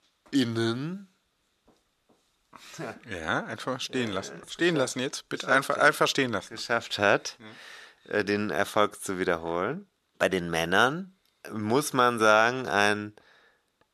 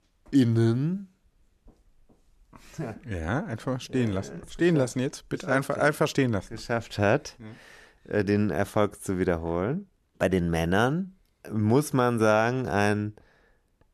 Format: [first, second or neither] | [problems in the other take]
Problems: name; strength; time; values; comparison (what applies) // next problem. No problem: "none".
second | thin; somewhat; fading below 900 Hz